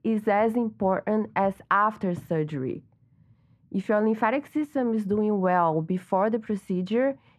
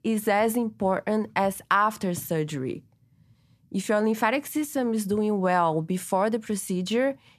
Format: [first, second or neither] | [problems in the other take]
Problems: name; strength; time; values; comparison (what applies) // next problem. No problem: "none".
second | muffled; very; fading above 3.5 kHz